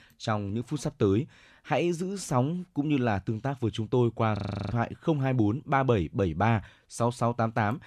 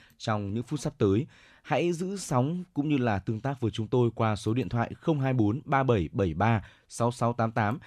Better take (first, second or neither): second